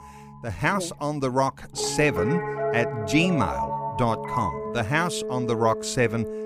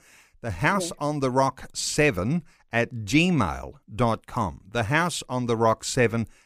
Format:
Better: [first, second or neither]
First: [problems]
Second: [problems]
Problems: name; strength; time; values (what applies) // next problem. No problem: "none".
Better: second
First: background music; loud; throughout; 5 dB below the speech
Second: none